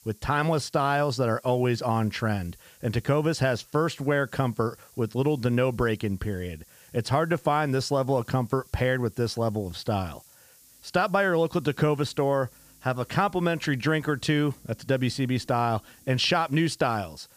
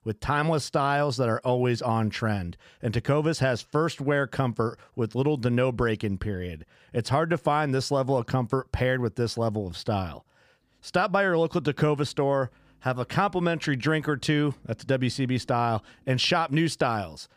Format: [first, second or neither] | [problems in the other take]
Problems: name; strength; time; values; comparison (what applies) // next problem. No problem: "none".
second | hiss; faint; throughout; 25 dB below the speech